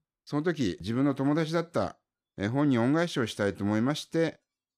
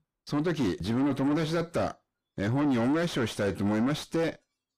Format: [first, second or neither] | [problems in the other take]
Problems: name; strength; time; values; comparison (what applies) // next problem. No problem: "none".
first | distortion; heavy; 6 dB below the speech